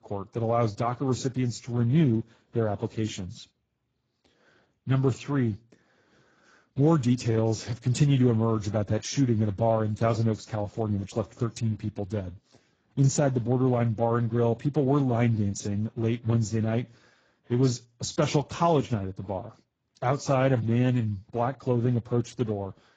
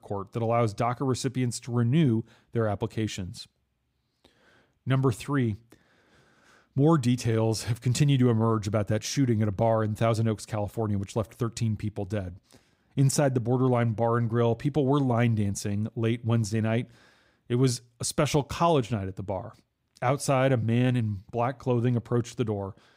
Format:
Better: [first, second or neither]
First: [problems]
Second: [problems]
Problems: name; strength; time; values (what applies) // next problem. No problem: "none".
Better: second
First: garbled, watery; badly; nothing above 7.5 kHz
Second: none